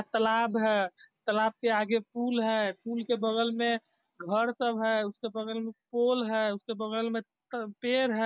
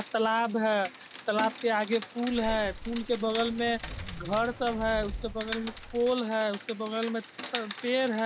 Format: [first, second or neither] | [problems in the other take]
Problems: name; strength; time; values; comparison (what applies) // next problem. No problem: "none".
first | background sound (Zipper (clothing) + Rain); 11 dB below the speech